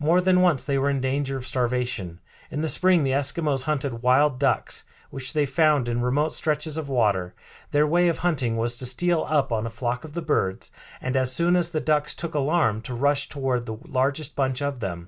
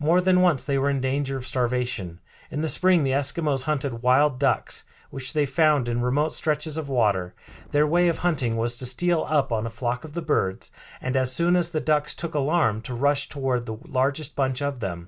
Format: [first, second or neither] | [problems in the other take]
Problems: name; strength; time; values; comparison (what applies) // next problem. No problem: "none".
first | background sound (Wind); 18 dB below the speech